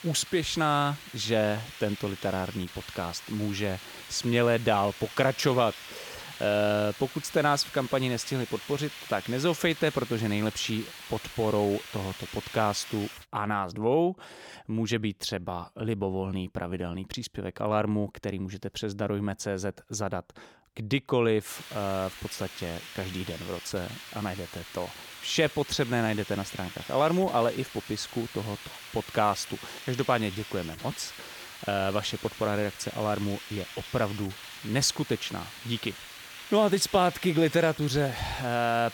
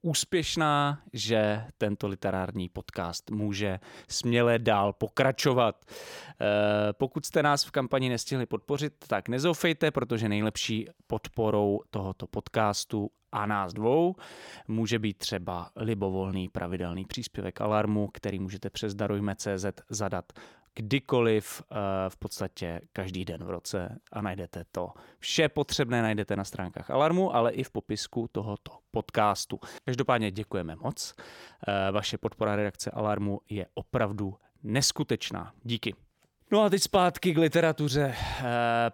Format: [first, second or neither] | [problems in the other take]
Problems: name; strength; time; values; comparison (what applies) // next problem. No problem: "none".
second | hiss; noticeable; until 13 s and from 21 s on; 10 dB below the speech